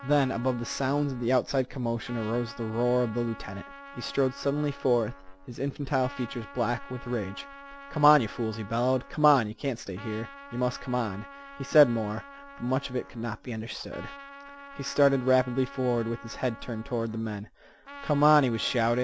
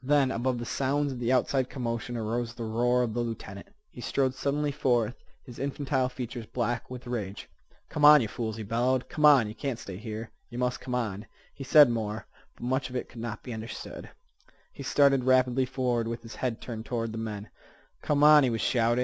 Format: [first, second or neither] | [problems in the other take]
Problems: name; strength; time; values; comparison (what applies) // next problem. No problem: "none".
second | background sound (Trumpet); 18 dB below the speech